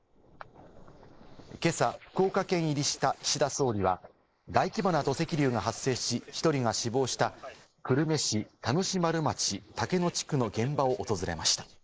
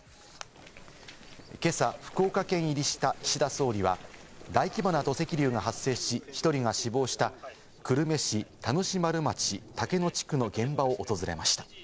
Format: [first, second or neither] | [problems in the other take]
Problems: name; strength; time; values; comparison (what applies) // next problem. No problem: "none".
second | noise reduction (neural mask model Resemble Enhance denoiser)